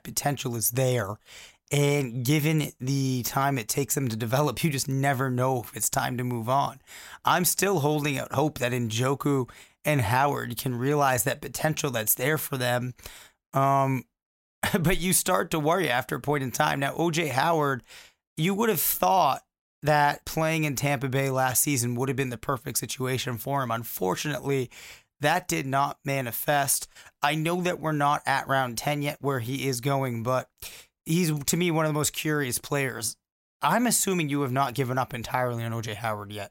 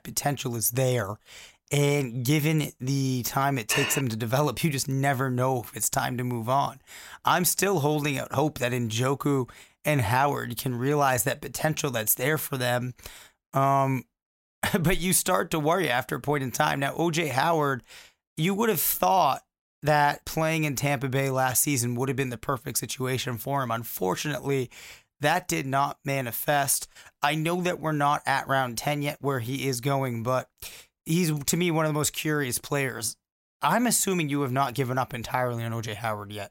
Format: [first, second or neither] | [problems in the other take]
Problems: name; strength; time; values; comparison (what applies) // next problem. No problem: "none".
first | clattering dishes; noticeable; at 3.5 s; peak 1 dB below the speech